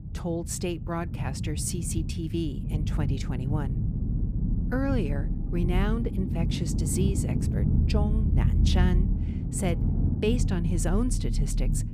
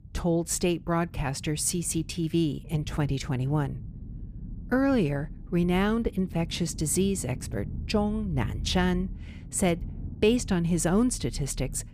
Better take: second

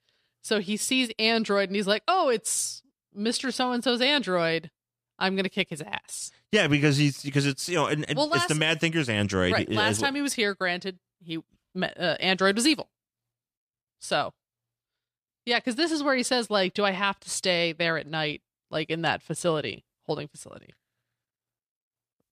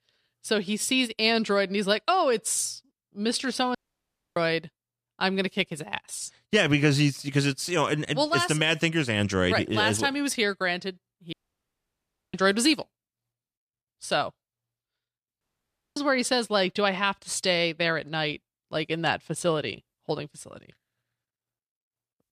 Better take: first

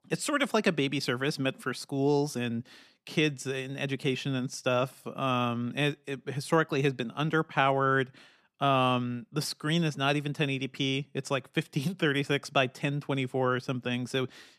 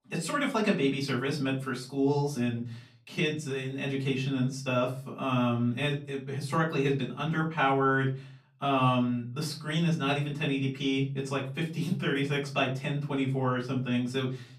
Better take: first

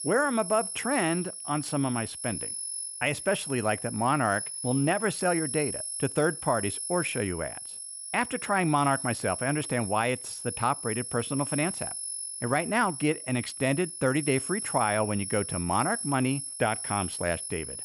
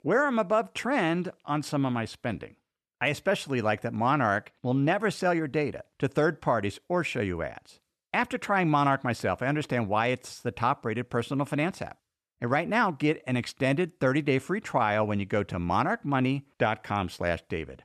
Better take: second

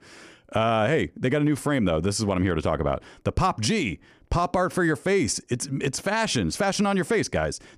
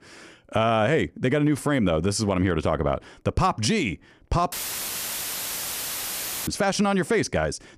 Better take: first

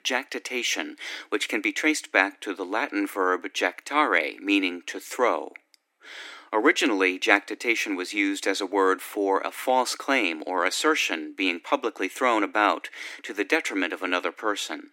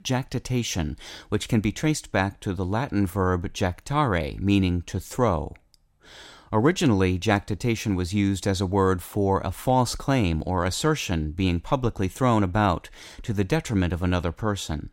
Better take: second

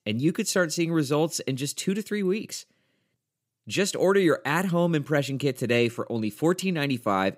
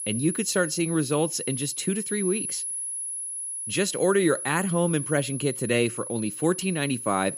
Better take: first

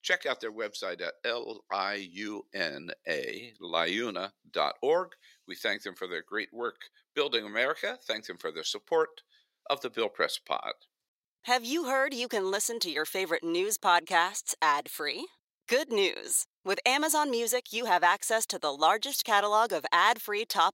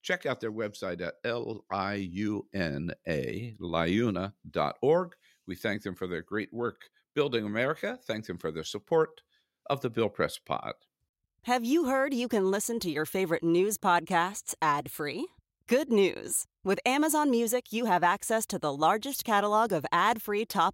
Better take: second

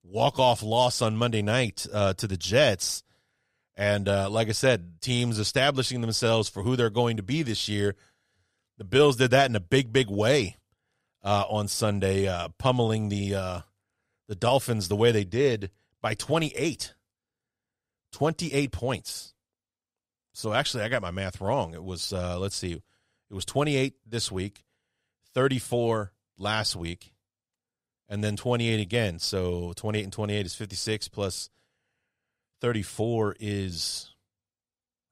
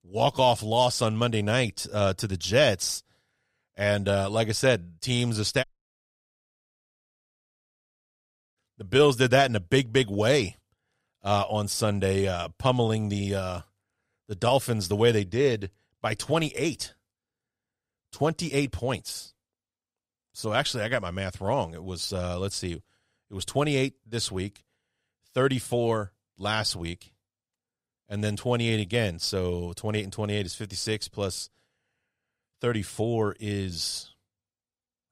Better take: first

